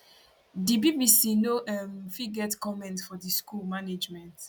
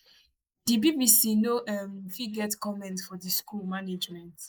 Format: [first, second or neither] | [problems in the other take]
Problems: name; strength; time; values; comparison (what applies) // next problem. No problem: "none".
first | noise reduction (neural mask model Resemble Enhance denoiser)